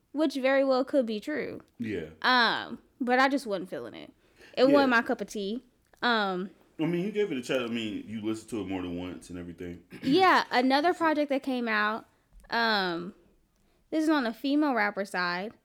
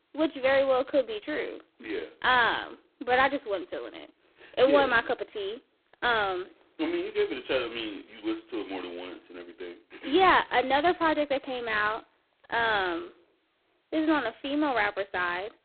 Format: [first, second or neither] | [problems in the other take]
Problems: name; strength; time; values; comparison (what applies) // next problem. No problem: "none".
first | phone-call audio; poor line; nothing above 4 kHz